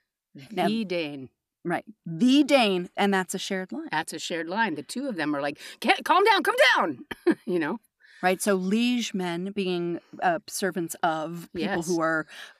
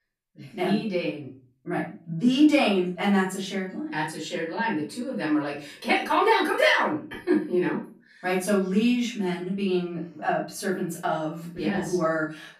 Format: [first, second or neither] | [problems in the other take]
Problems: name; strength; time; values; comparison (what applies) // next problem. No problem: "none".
first | off-mic speech; far // room echo; noticeable; dies away in 0.3 s